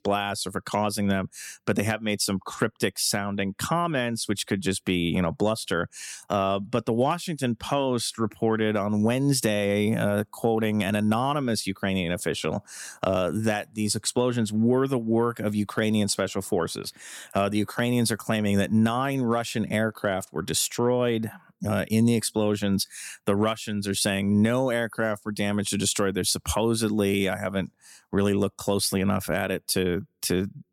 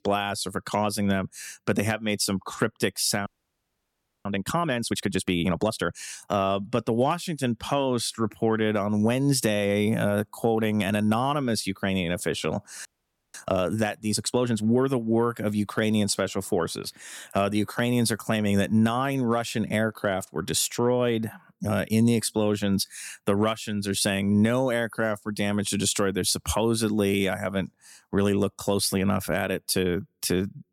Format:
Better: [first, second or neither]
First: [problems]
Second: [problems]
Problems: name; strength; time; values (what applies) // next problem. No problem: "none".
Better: first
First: none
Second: audio freezing; at 3.5 s for 1 s and at 13 s